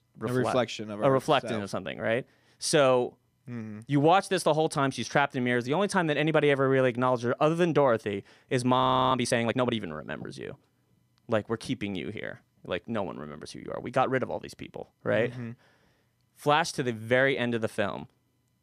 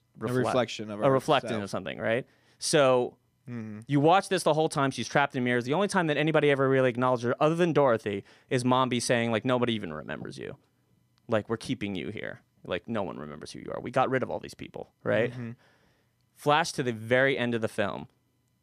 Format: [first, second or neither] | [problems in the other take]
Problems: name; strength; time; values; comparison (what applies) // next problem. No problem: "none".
second | audio freezing; at 9 s